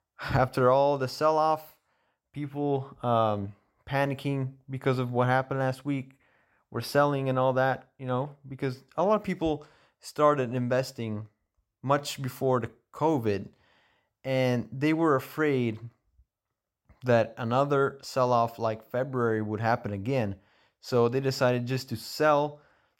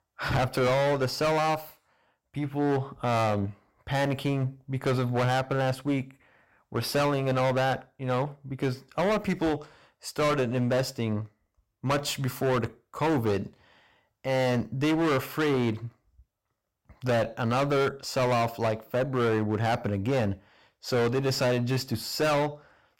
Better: first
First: none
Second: distortion; heavy; 18% of the sound clipped

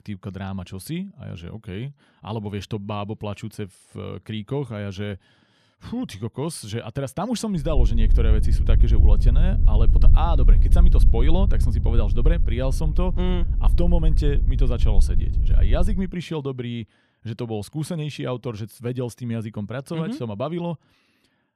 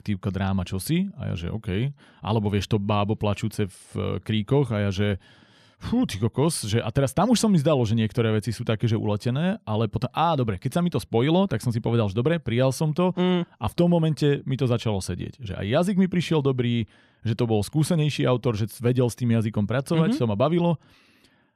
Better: second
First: low rumble; loud; from 7.5 to 16 s; 9 dB below the speech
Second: none

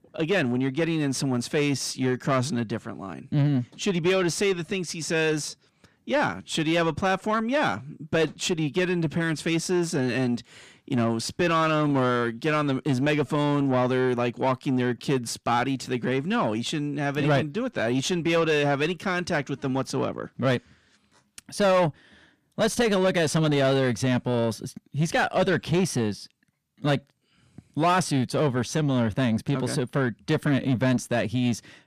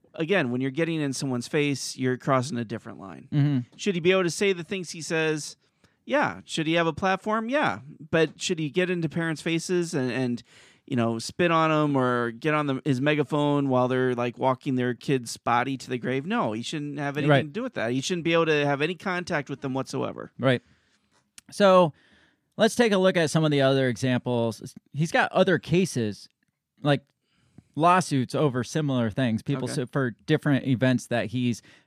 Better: second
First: distortion; slight; 10 dB below the speech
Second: none

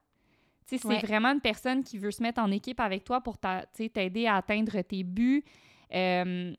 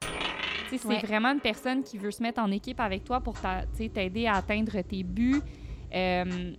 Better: first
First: none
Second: household noises; loud; throughout; 9 dB below the speech

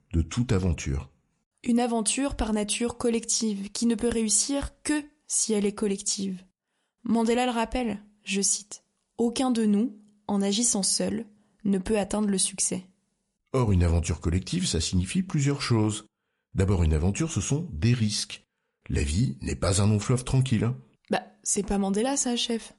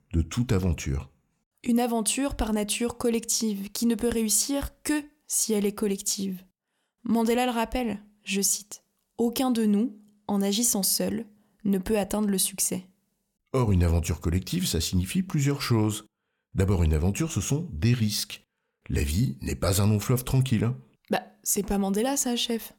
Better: second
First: garbled, watery; slightly; nothing above 11 kHz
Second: none

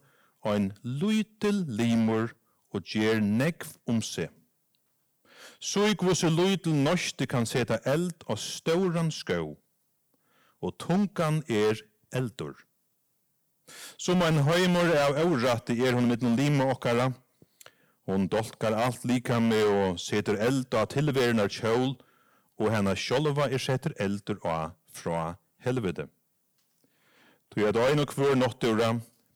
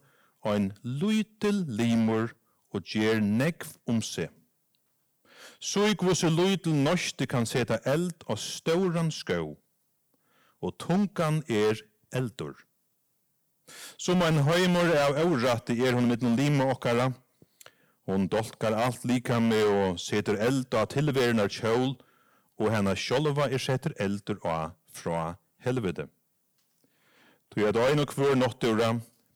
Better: neither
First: distortion; heavy; 11% of the sound clipped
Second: distortion; heavy; 11% of the sound clipped

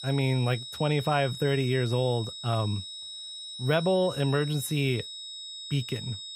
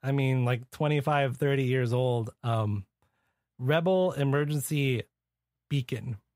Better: second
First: high-pitched whine; loud; throughout; 4 kHz, 9 dB below the speech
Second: none

